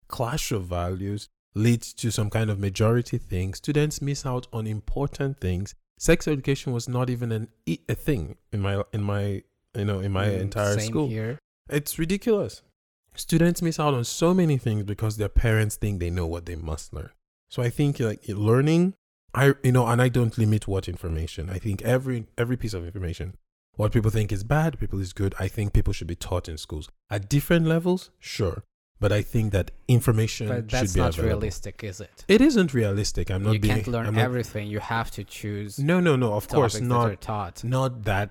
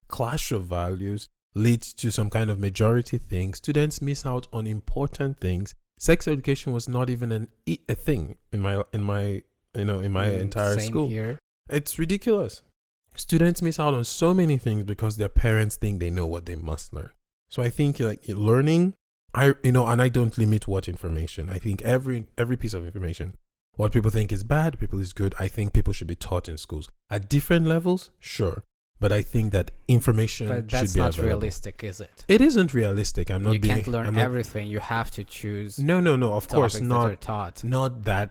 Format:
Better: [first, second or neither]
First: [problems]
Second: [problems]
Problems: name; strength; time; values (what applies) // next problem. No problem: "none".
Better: first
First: none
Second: garbled, watery; slightly; nothing above 18.5 kHz